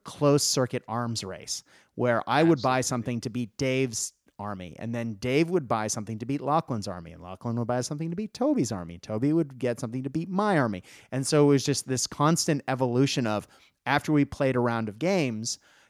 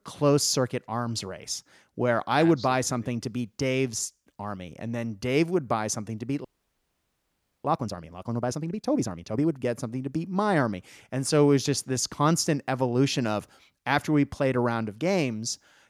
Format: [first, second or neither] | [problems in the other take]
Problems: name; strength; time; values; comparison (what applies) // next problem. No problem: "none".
first | audio freezing; at 6.5 s for 1 s